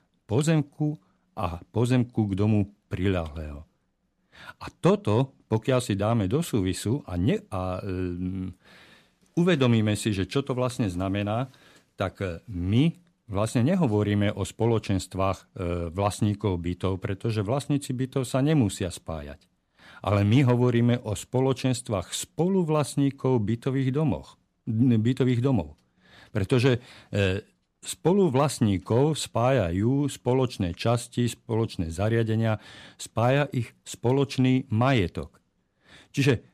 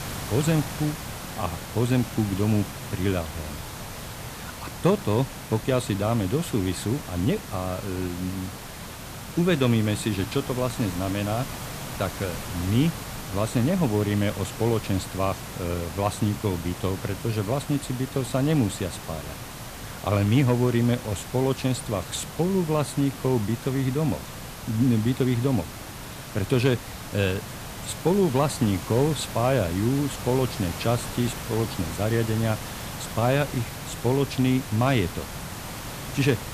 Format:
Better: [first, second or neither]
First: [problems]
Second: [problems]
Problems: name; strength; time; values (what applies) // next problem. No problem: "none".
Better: first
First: none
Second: hiss; loud; throughout; 10 dB below the speech